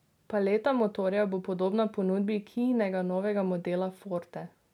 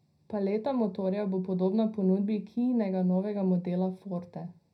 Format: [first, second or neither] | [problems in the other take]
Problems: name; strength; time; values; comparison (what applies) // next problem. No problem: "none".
first | room echo; dies away in 0.4 s